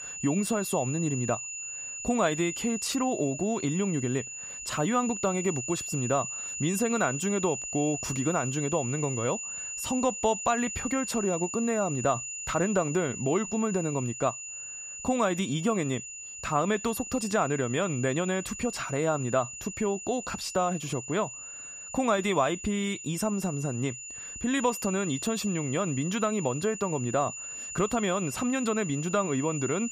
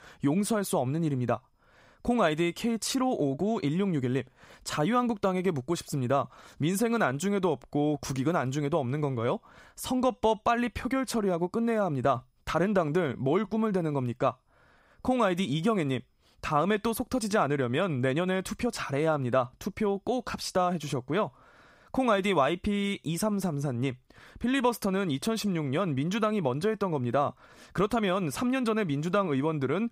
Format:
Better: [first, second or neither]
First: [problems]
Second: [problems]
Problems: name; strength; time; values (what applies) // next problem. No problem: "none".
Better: second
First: high-pitched whine; loud; throughout; 7 kHz, 7 dB below the speech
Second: none